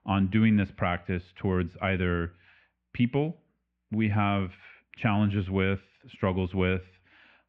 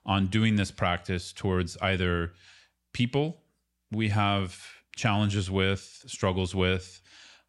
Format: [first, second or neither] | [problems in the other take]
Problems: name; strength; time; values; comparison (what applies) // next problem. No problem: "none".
second | muffled; very; fading above 2.5 kHz